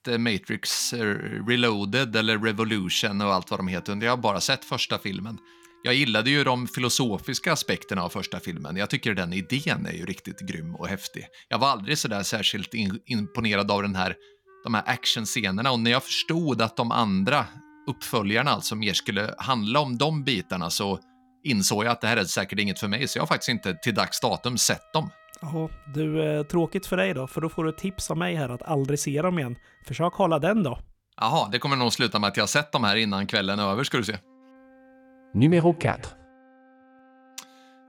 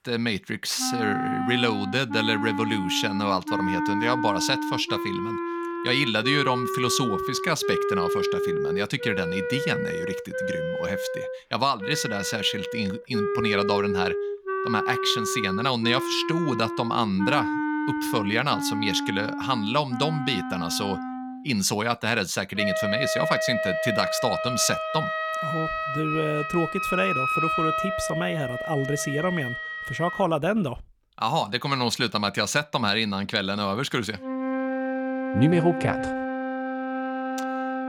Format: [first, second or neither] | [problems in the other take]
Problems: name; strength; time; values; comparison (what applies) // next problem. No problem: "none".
first | background music; loud; throughout; 3 dB below the speech; faint in the first